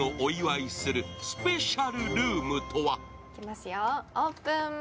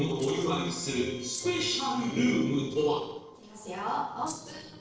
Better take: first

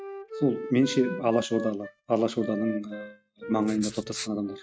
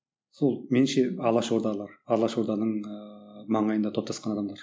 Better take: second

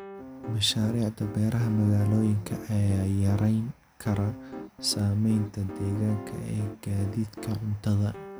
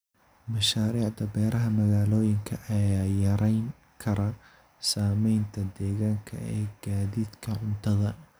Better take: second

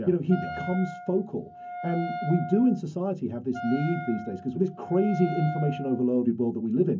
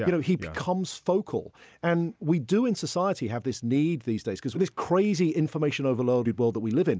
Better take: second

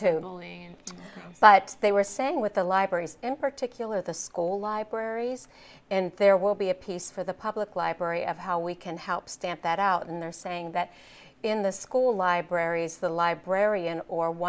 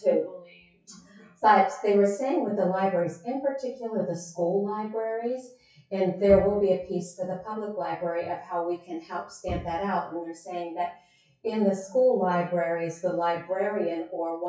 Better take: first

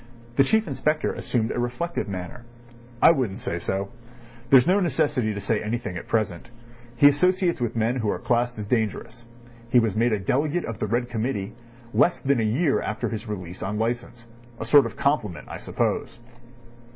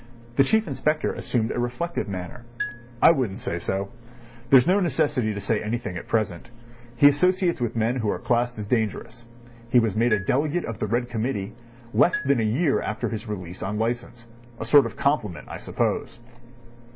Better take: first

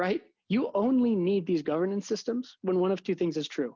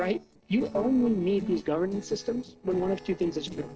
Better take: first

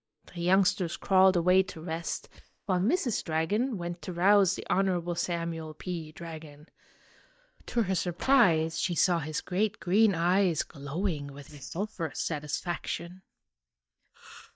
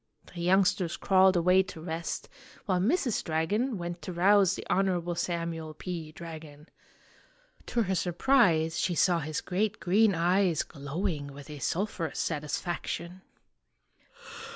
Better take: second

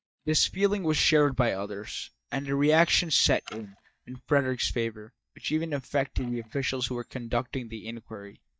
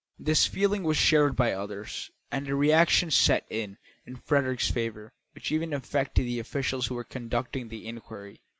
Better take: second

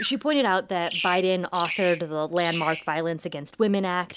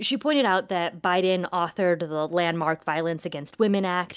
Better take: second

